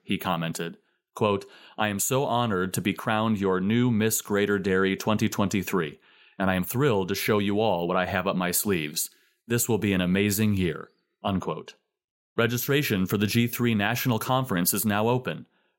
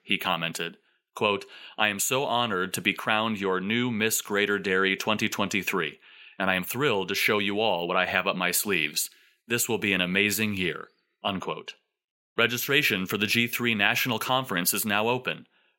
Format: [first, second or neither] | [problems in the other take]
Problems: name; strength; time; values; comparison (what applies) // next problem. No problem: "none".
first | thin; very slightly; fading below 550 Hz